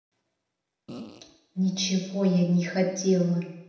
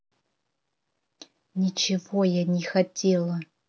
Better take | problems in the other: second | background sound (Fart); 15 dB below the speech // room echo; dies away in 0.9 s

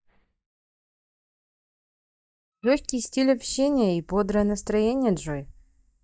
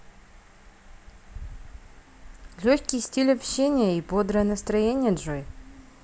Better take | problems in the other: second | noise reduction (neural mask model DeepFilterNet 3)

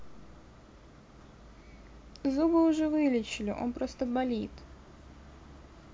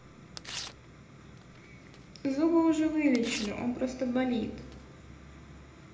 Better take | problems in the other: first | background sound (Tearing); 16 dB below the speech // room echo; dies away in 1 s

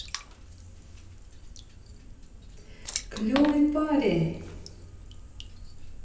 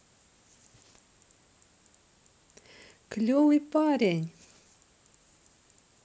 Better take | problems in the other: second | background sound (Water / Splash, splatter); 10 dB below the speech // room echo; dies away in 0.9 s

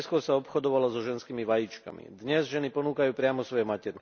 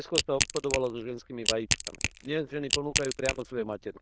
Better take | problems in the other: first | noise reduction (neural diffusion model UNIVERSE++)

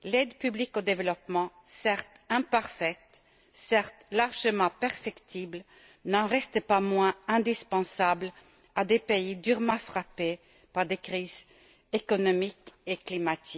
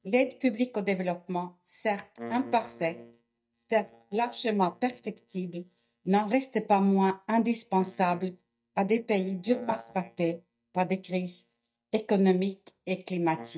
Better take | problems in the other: first | noise reduction (neural mask model DeepFilterNet 3)

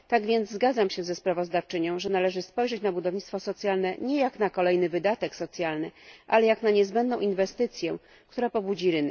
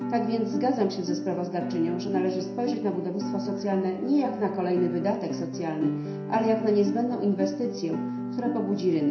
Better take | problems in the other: first | background sound (Guitar); 4 dB below the speech // room echo; dies away in 0.7 s

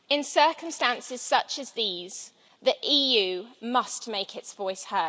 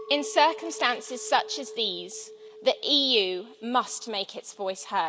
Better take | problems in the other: first | background sound (Chink, clink); 16 dB below the speech

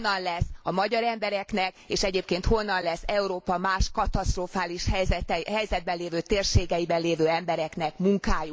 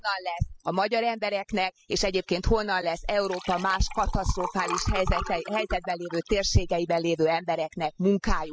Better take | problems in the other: first | noise reduction (classical method spectral subtraction)

